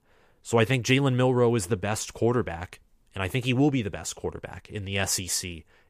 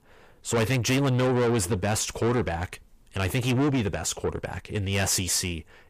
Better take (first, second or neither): first